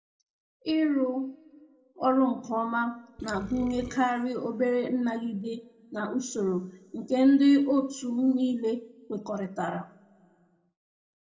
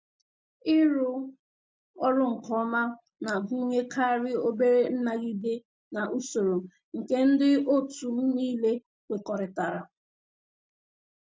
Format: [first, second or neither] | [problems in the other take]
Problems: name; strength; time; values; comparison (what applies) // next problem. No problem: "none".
second | background sound (Burping, eructation); 16 dB below the speech // room echo; dies away in 1.6 s